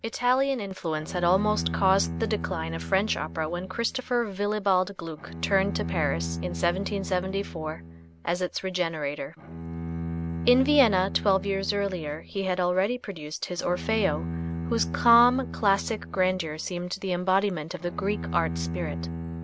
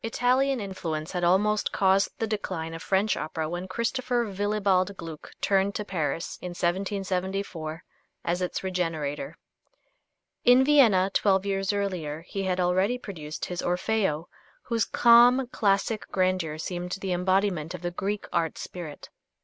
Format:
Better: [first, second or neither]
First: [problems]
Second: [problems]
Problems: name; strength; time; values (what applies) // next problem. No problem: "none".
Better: second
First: background sound (Bowed string instrument); 8 dB below the speech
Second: none